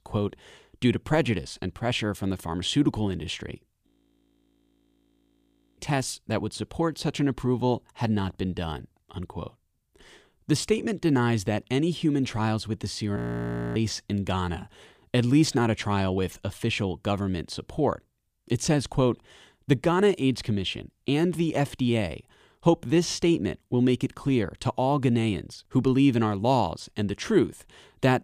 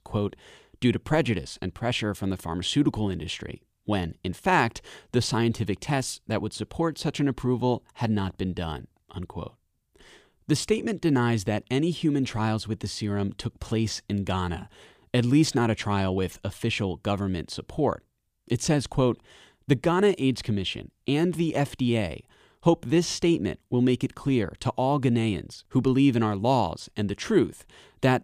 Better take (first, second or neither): second